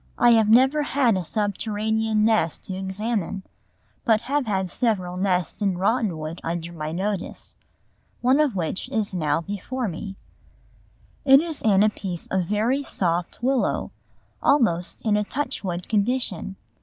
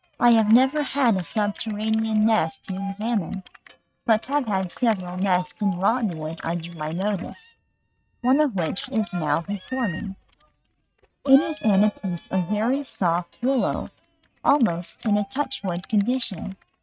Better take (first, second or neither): first